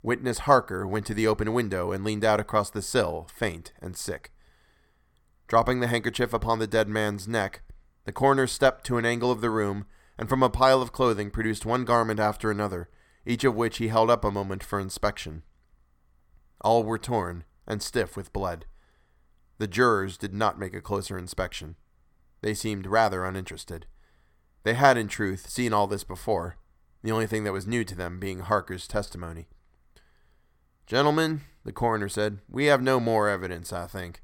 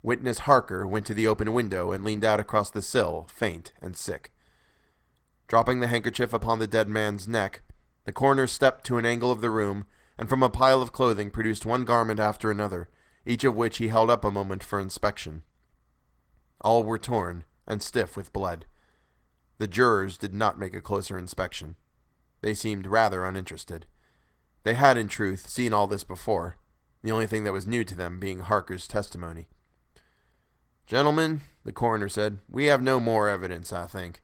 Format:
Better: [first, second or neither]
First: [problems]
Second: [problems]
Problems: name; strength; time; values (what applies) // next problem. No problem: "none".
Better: first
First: none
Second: garbled, watery; slightly; nothing above 17.5 kHz